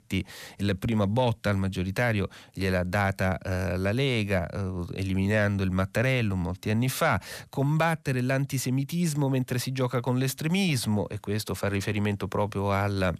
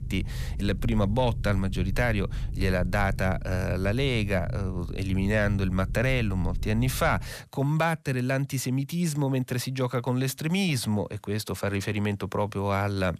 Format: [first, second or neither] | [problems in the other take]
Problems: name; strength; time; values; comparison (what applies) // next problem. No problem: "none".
first | low rumble; noticeable; until 7.5 s; 20 dB below the speech